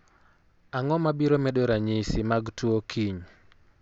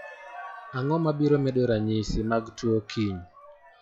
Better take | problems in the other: first | noise reduction (classical method log-MMSE)

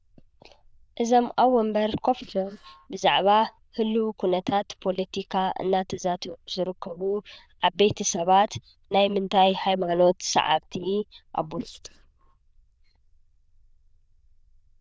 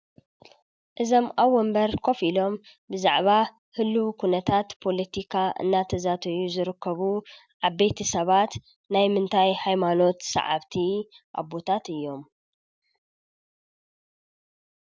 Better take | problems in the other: second | noise reduction (neural diffusion model UNIVERSE++)

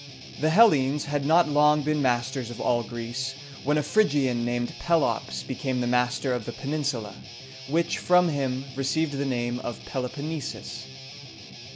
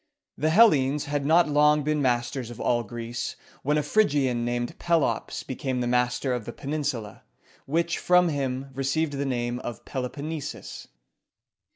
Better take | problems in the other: second | background sound (Guitar); 16 dB below the speech

